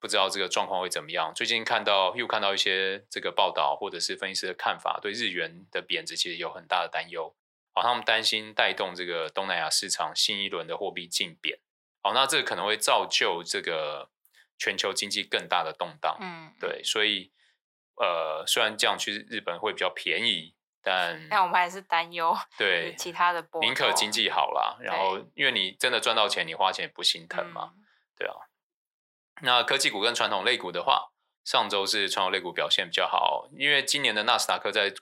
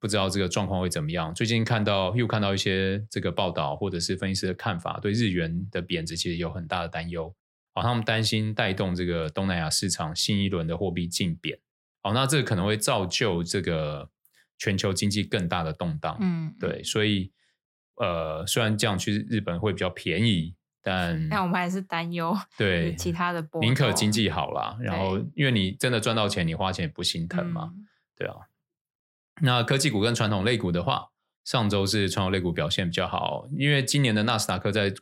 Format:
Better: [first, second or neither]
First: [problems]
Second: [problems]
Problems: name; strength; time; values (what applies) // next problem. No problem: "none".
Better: second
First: thin; very; fading below 550 Hz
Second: none